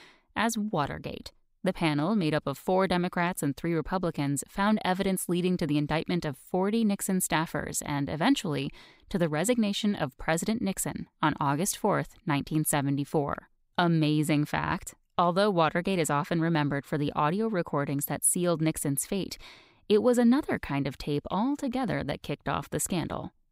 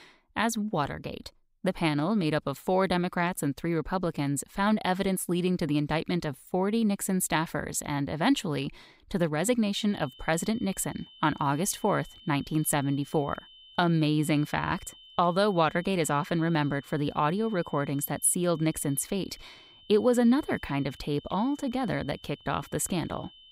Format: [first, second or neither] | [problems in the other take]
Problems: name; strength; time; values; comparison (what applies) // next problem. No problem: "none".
first | high-pitched whine; faint; from 10 s on; 3 kHz, 25 dB below the speech